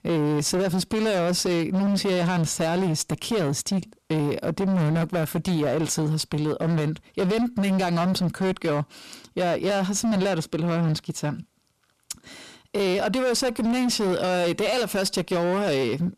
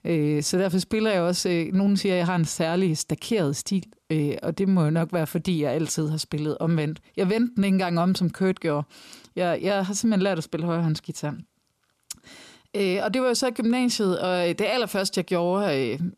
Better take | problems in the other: second | distortion; slight; 25% of the sound clipped

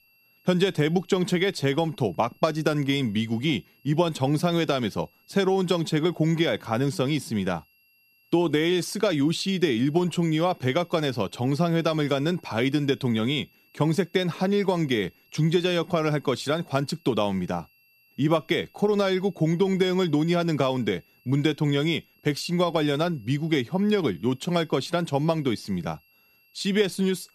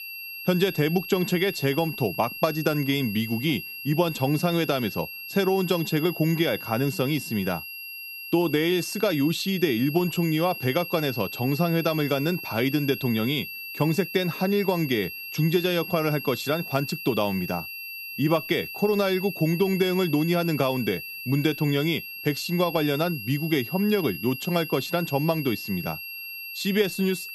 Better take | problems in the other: first | high-pitched whine; loud; throughout; 2.5 kHz, 9 dB below the speech; faint in the first

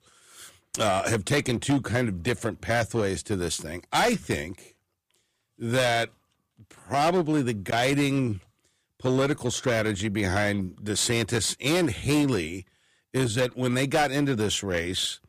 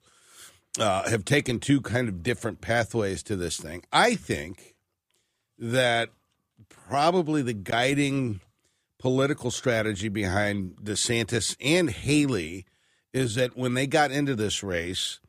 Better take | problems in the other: second | distortion; slight; 8% of the sound clipped

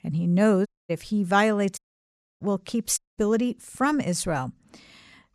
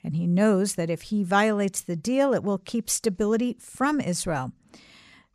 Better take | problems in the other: second | audio cutting out; at 0.5 s, at 2 s for 0.5 s and at 3 s

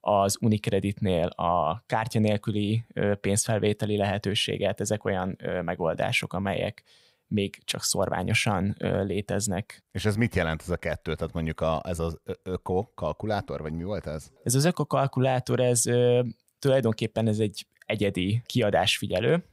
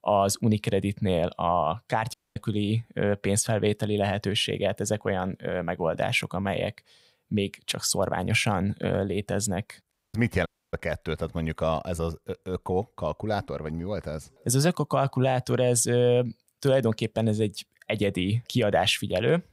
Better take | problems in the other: first | audio cutting out; at 2 s and at 10 s

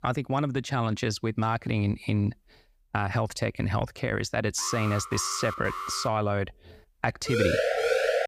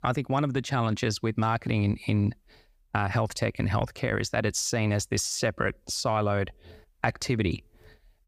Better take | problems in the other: second | alarm; noticeable; from 4.5 to 6 s; peak 6 dB below the speech // siren; loud; at 7.5 s; peak 4 dB above the speech

